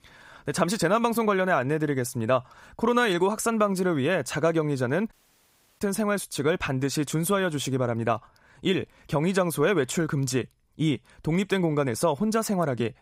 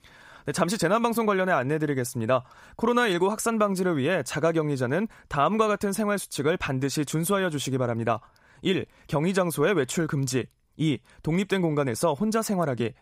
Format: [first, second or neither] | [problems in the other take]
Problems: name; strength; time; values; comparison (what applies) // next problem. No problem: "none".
second | audio cutting out; at 5 s for 0.5 s